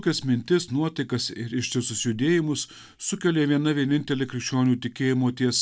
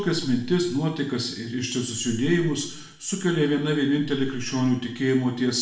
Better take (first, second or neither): first